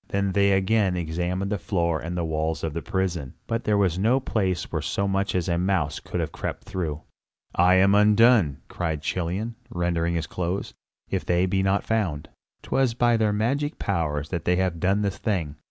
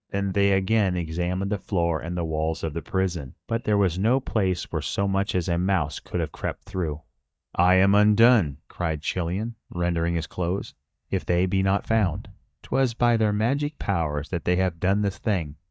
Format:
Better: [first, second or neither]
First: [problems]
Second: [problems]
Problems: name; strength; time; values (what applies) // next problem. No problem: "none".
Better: first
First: none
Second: noise reduction (neural mask model DeepFilterNet 3)